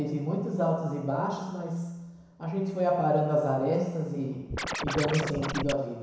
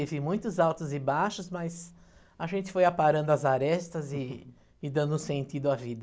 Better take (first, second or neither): second